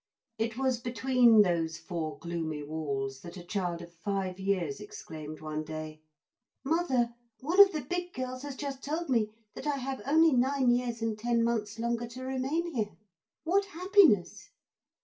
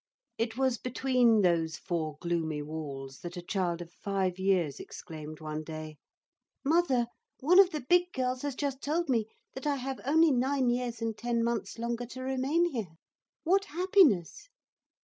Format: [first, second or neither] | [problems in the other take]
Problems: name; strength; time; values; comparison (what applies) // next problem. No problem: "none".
second | room echo; dies away in 0.2 s